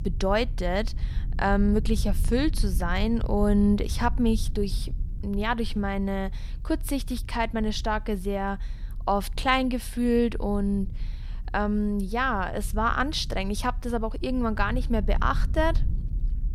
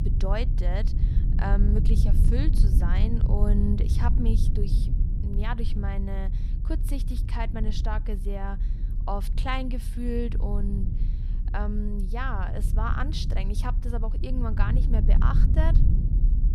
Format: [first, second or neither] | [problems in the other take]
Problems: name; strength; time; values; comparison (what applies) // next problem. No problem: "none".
first | low rumble; loud; throughout; 8 dB below the speech; faint in the first